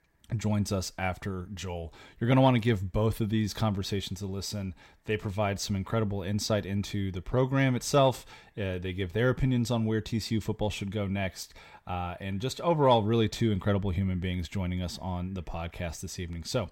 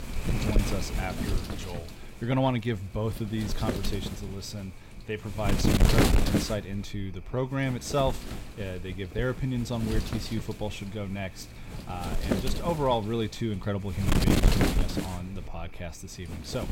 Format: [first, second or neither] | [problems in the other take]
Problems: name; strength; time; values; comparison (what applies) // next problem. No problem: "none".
first | wind noise on the microphone; heavy; as loud as the speech